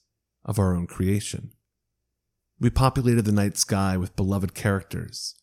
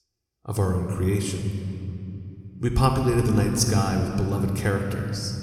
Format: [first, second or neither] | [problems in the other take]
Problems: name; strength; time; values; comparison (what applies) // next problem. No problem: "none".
first | room echo; slight; dies away in 2.5 s